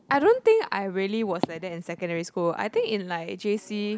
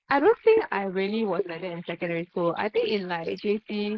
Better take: first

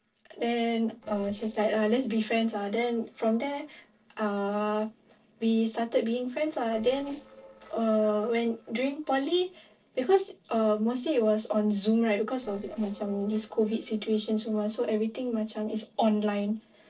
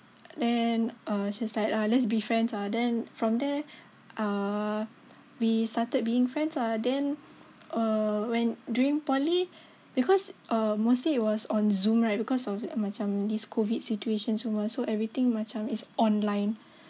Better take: second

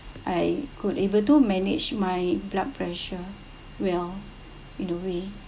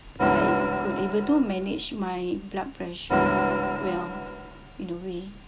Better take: first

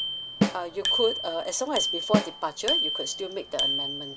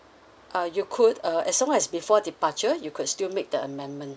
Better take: second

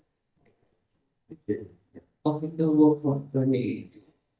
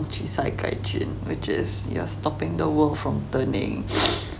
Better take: second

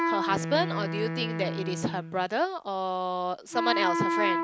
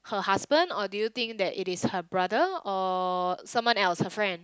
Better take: second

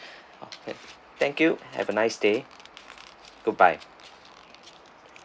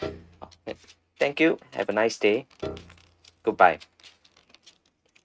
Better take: first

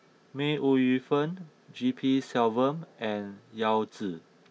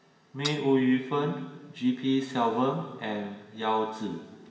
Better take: first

